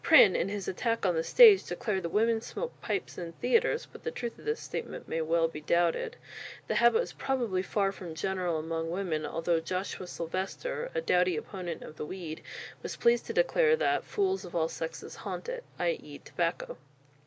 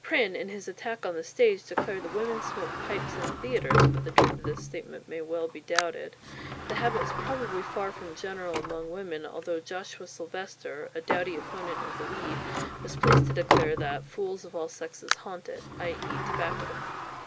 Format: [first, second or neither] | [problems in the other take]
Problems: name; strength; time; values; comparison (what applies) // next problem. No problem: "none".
first | background sound (Sliding door); 2 dB above the speech